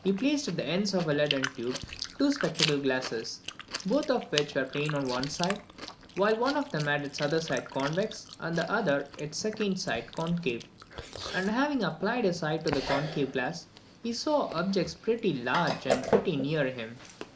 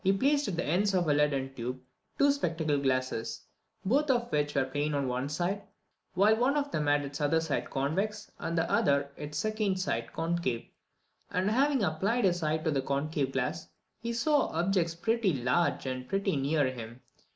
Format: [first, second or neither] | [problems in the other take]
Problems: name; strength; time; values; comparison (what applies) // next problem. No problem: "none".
second | background sound (Chewing, mastication); 8 dB below the speech